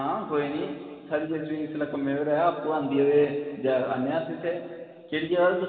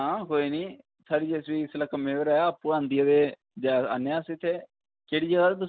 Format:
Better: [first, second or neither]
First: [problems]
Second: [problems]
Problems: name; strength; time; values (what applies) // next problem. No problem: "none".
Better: second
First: room echo; dies away in 2.3 s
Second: none